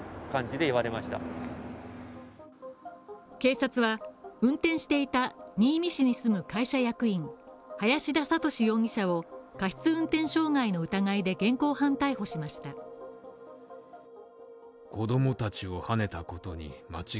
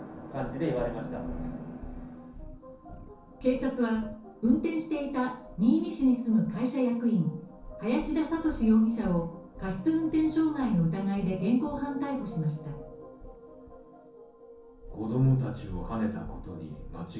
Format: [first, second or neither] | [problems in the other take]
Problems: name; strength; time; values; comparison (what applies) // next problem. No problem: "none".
first | background sound (Purr); 17 dB below the speech // room echo; dies away in 0.6 s